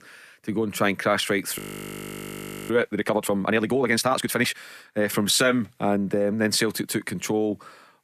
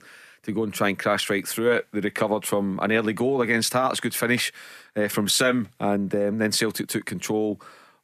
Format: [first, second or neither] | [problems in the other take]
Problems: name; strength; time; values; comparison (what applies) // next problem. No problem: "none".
second | audio freezing; at 1.5 s for 1 s